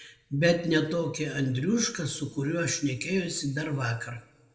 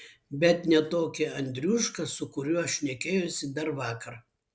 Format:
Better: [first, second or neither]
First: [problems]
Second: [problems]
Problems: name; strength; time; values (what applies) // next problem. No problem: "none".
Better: second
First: room echo; dies away in 0.8 s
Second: none